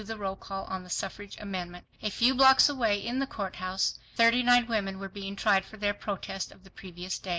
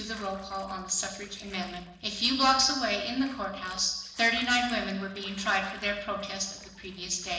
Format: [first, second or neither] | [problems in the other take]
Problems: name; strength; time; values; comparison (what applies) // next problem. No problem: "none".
first | noise reduction (neural separator model SepFormer DNS4)